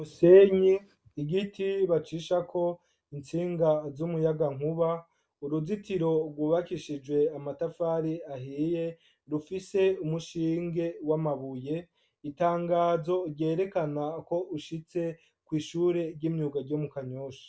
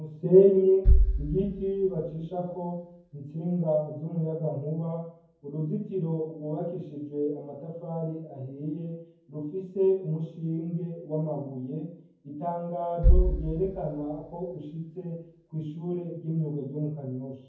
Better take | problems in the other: first | background sound (Bass drum); 2 dB below the speech // room echo; dies away in 0.9 s

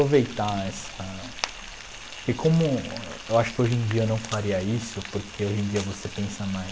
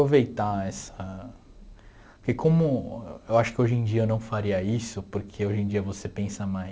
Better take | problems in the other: second | background sound (Frying (food)); 12 dB below the speech

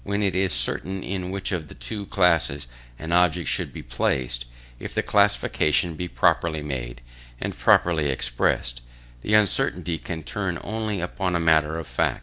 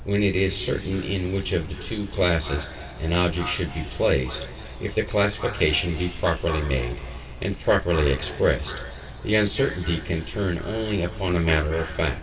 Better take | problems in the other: first | background sound (Wind); 18 dB below the speech // room echo; dies away in 2.9 s

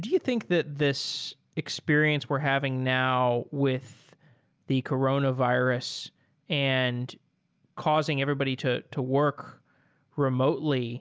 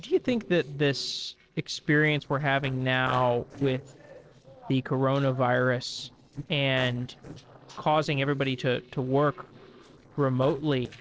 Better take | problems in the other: first | noise reduction (neural separator model SepFormer DNS4)

